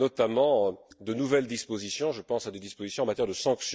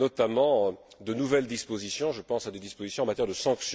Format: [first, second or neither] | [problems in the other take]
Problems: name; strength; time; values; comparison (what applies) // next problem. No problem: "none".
second | noise reduction (neural mask model DeepFilterNet 3)